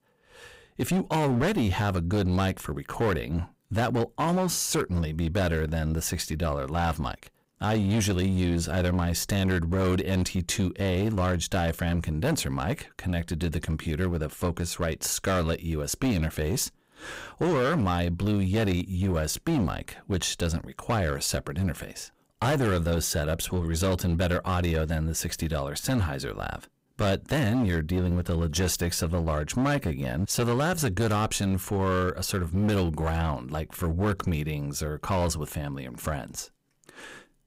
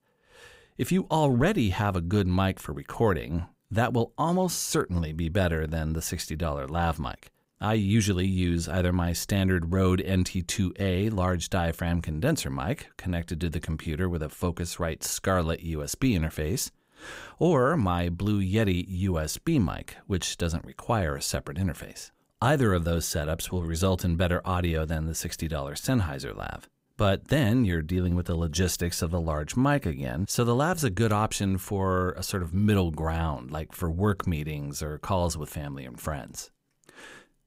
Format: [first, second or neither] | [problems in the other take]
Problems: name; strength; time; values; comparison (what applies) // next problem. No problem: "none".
second | distortion; slight; 12% of the sound clipped